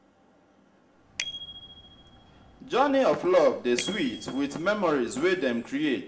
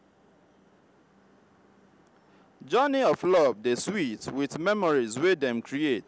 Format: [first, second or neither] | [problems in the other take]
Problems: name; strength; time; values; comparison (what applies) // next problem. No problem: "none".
second | background sound (Bicycle bell); 15 dB below the speech // room echo; dies away in 0.7 s